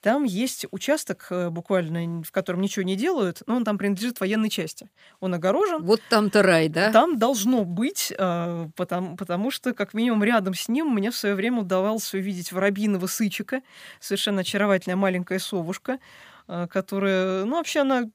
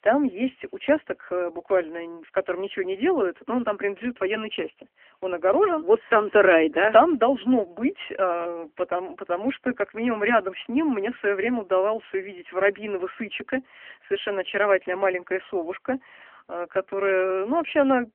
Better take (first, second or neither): first